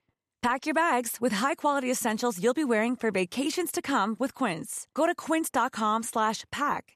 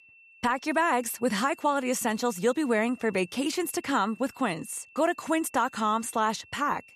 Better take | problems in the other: first | high-pitched whine; faint; throughout; 2.5 kHz, 25 dB below the speech

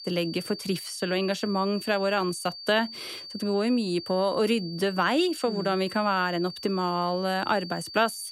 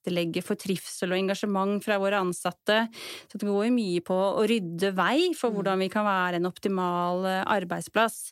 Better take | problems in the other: second | high-pitched whine; noticeable; throughout; 4.5 kHz, 10 dB below the speech

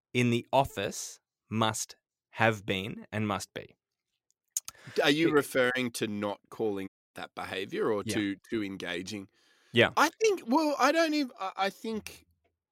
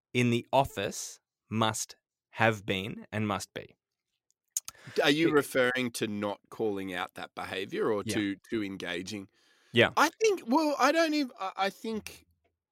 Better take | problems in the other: second | audio cutting out; at 7 s

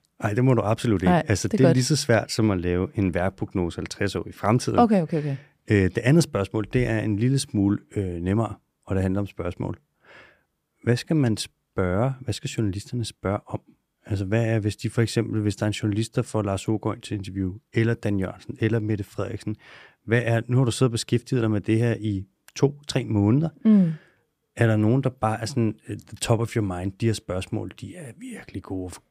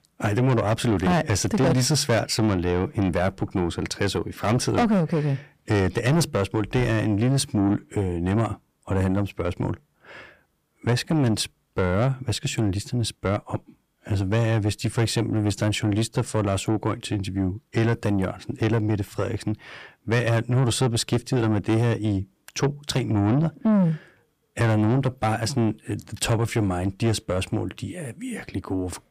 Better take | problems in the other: first | distortion; heavy; 7 dB below the speech

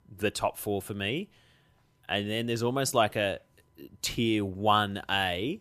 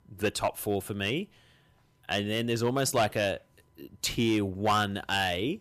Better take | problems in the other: first | distortion; slight; 2% of the sound clipped

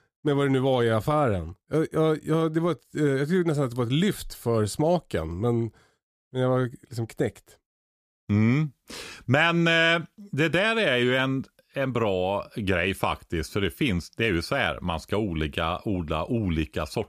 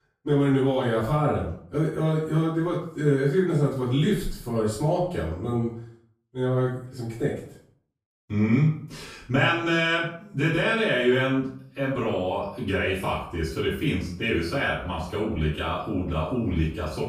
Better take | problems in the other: first | off-mic speech; far // room echo; noticeable; dies away in 0.5 s

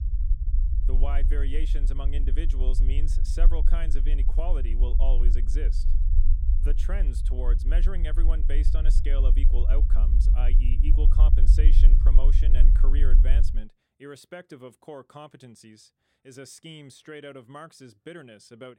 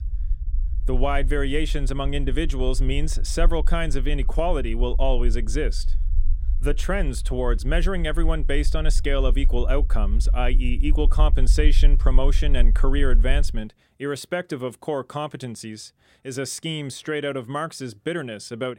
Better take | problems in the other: second | low rumble; loud; until 14 s; 6 dB below the speech; faint in the second

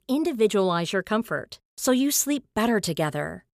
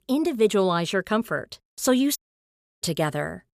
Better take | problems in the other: first | audio cutting out; at 2 s for 0.5 s

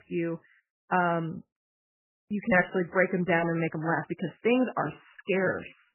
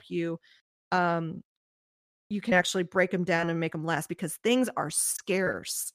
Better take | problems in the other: second | garbled, watery; badly; nothing above 3 kHz

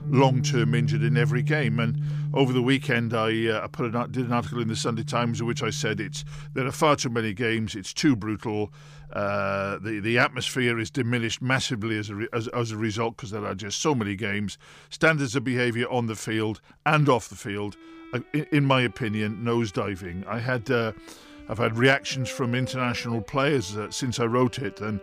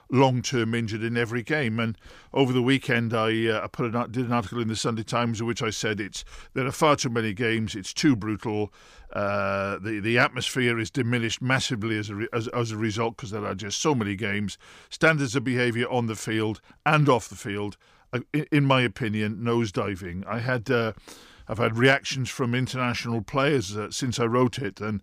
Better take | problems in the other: second | background music; loud; throughout; 5 dB below the speech

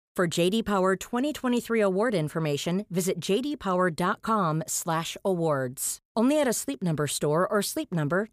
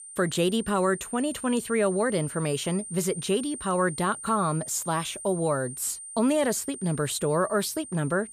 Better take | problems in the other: first | high-pitched whine; noticeable; throughout; 9 kHz, 10 dB below the speech

